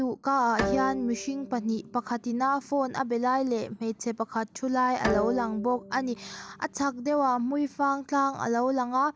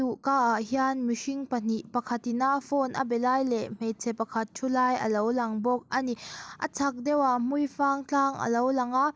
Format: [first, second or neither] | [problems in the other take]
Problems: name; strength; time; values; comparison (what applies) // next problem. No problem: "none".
second | background sound (Bowed string instrument); 10 dB below the speech